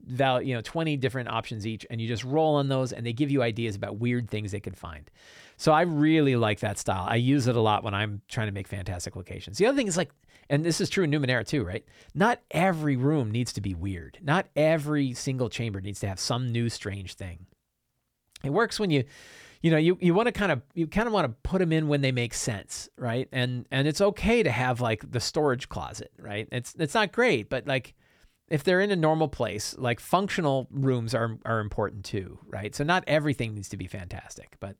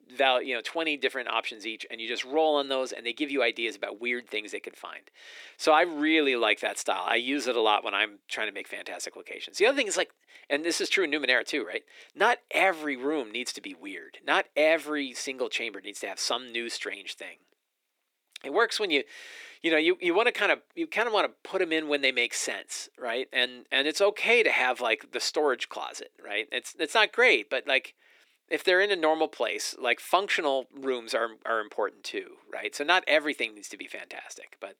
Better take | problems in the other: first | thin; somewhat; fading below 300 Hz

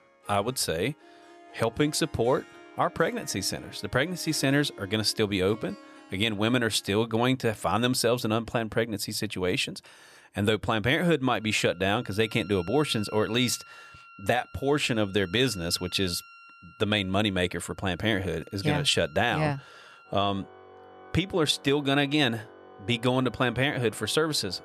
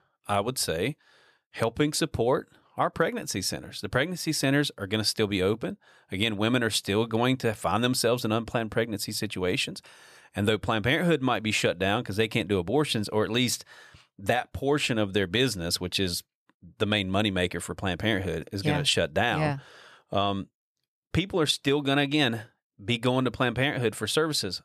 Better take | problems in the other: second | background music; faint; throughout; 20 dB below the speech

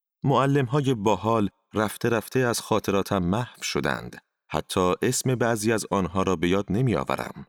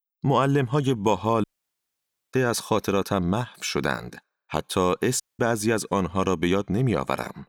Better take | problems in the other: first | audio cutting out; at 1.5 s for 1 s and at 5 s

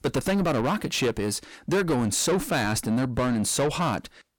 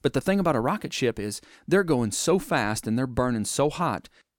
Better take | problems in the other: second | distortion; heavy; 7 dB below the speech

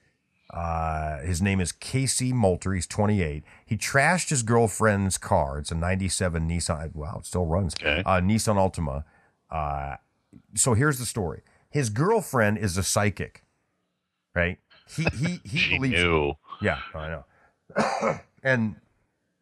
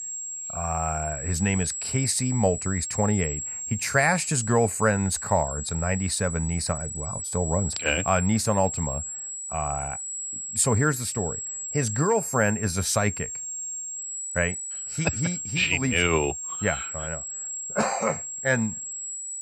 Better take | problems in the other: first | high-pitched whine; loud; throughout; 7.5 kHz, 5 dB below the speech

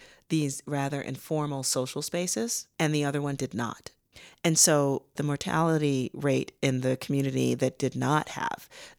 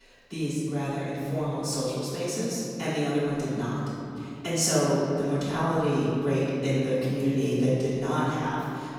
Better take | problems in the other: first | room echo; strong; dies away in 2.7 s // off-mic speech; far

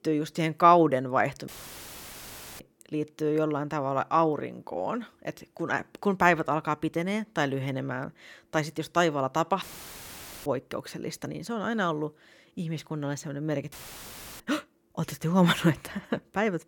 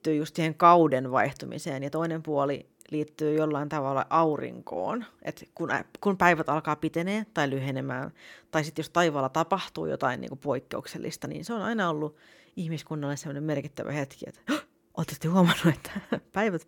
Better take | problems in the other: second | audio cutting out; filled with static; at 1.5 s for 1 s, at 9.5 s for 1 s and at 14 s for 0.5 s

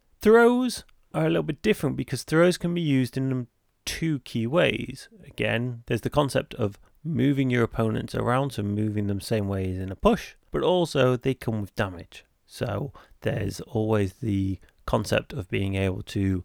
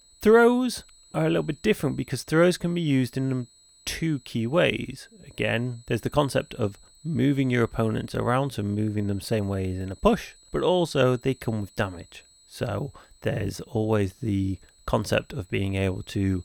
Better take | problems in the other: first | high-pitched whine; faint; throughout; 8 kHz, 30 dB below the speech

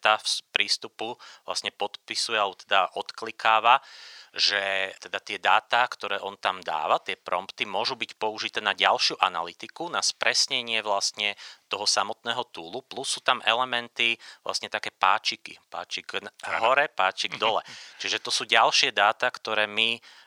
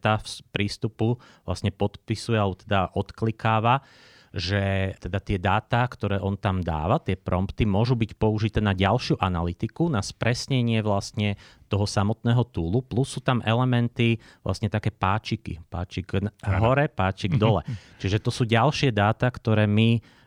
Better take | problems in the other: second | thin; very; fading below 850 Hz

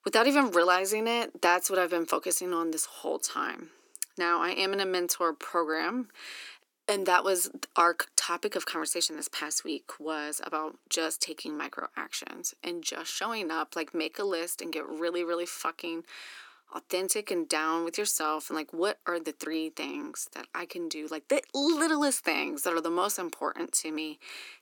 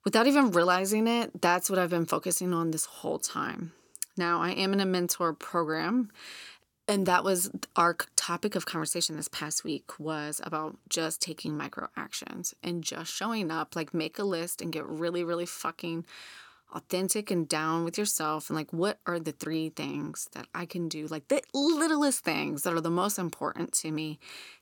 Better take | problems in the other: second | thin; very slightly; fading below 300 Hz

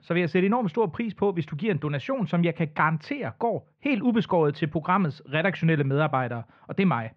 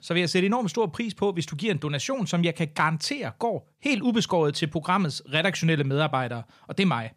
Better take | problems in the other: second | muffled; very; fading above 2.5 kHz

